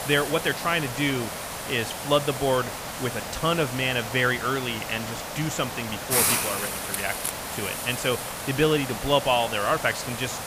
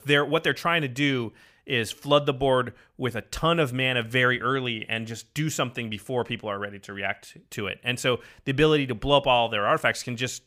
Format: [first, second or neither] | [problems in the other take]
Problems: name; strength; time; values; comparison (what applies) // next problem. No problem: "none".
second | hiss; loud; throughout; 3 dB below the speech